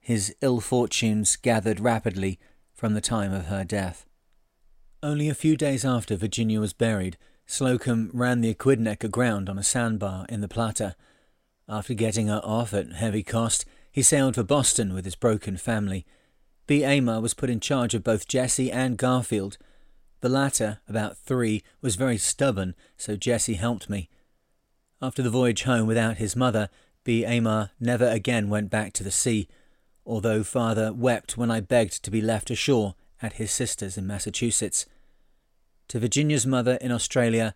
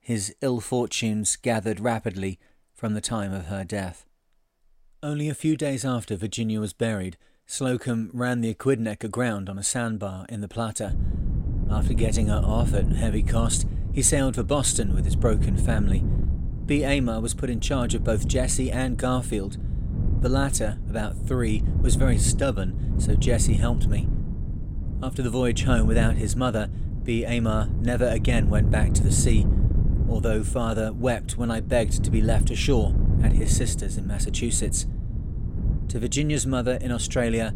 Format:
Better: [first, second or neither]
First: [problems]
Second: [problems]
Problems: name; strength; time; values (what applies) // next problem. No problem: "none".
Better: first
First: none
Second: wind noise on the microphone; occasional gusts; from 11 s on; 10 dB below the speech